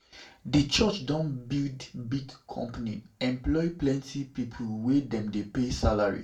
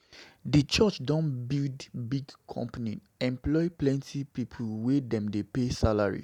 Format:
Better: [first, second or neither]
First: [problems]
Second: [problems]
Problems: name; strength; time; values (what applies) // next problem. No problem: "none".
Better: second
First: room echo; dies away in 0.2 s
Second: none